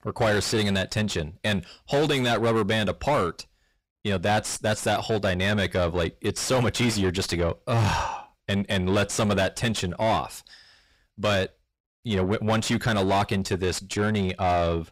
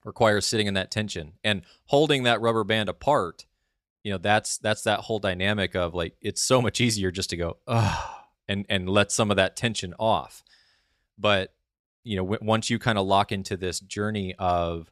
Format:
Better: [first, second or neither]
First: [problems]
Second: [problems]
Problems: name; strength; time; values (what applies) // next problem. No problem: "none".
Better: second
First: distortion; heavy; 6 dB below the speech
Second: none